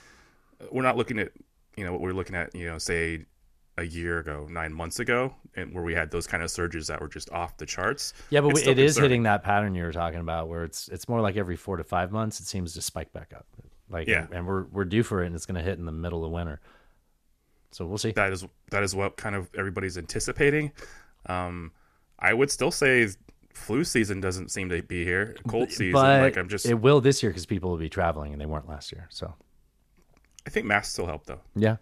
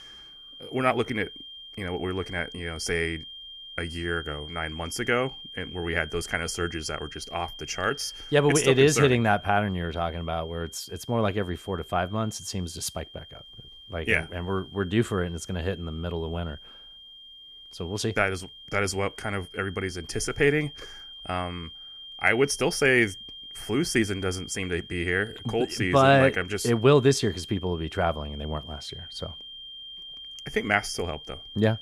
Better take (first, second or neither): first